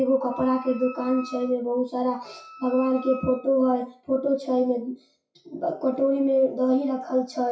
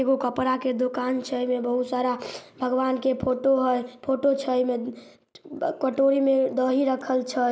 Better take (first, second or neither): second